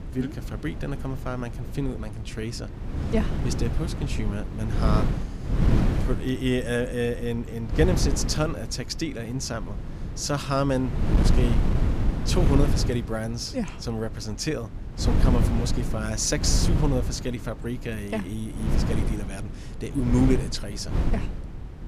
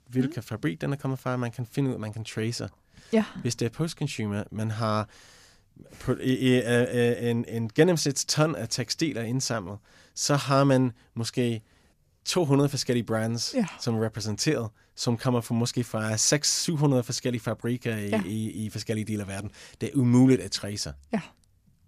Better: second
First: wind noise on the microphone; heavy; 6 dB below the speech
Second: none

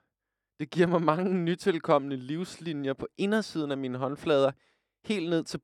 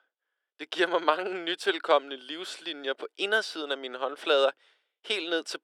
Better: first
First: none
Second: thin; very; fading below 400 Hz

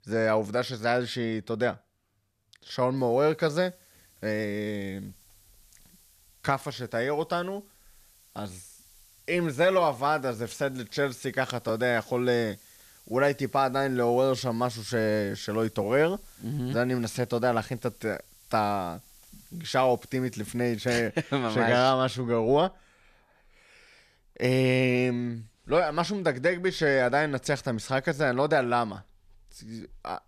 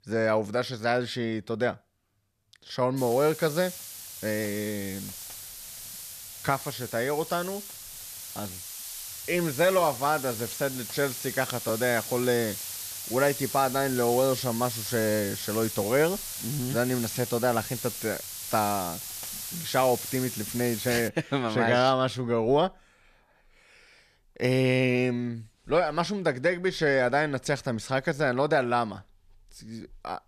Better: first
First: hiss; faint; from 3 to 21 s; 25 dB below the speech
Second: hiss; loud; from 3 to 21 s; 8 dB below the speech

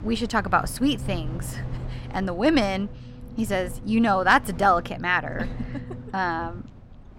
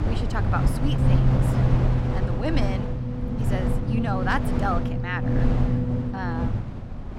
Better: first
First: low rumble; faint; throughout; 20 dB below the speech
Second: low rumble; loud; throughout; 2 dB below the speech

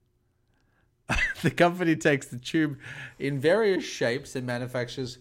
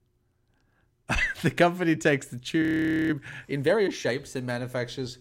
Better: first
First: none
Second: audio freezing; at 2.5 s

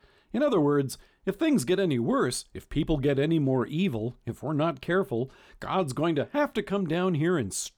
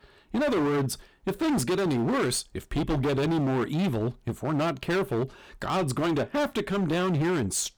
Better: first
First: none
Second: distortion; heavy; 25% of the sound clipped

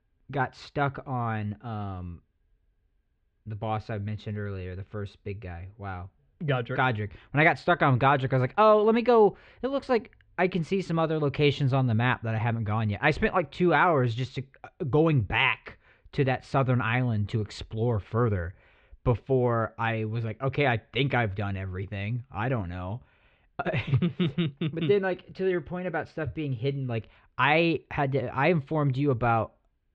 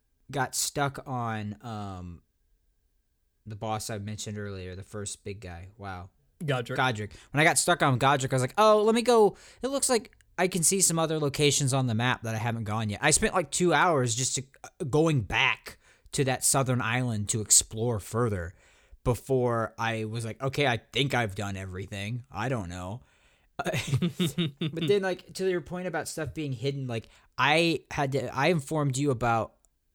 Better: second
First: muffled; very; fading above 3 kHz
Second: none

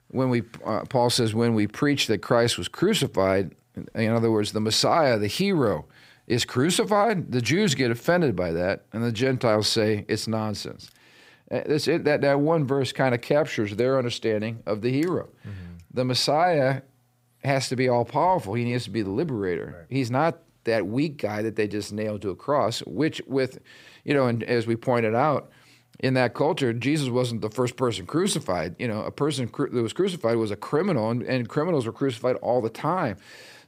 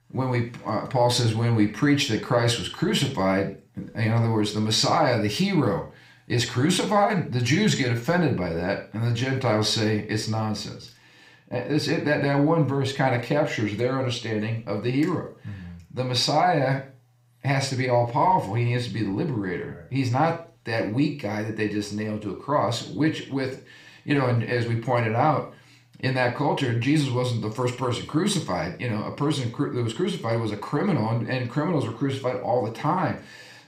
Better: first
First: none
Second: room echo; slight; dies away in 0.4 s // off-mic speech; somewhat distant

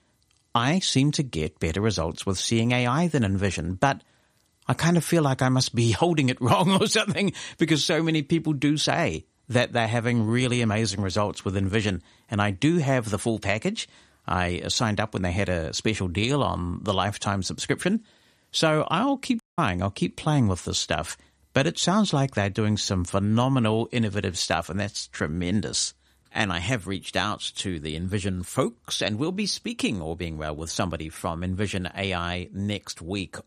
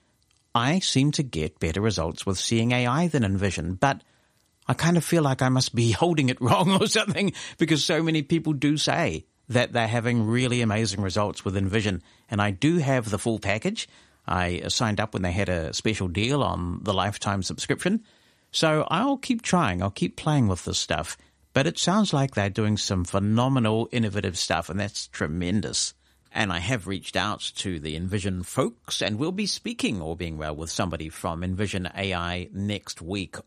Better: second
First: audio cutting out; at 19 s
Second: none

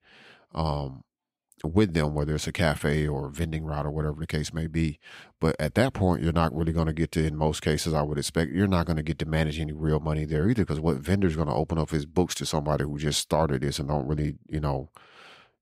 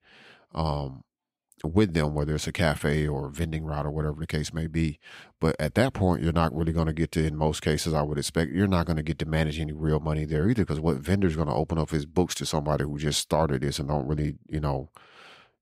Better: neither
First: none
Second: none

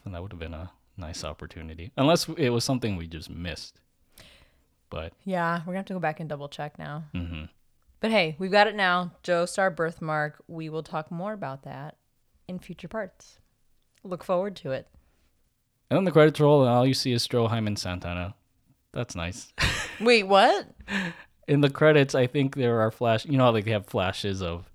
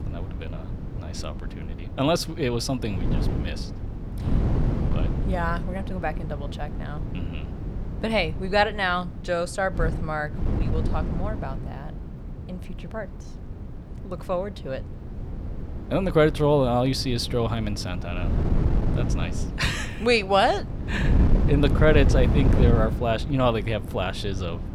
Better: first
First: none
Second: wind noise on the microphone; occasional gusts; 10 dB below the speech

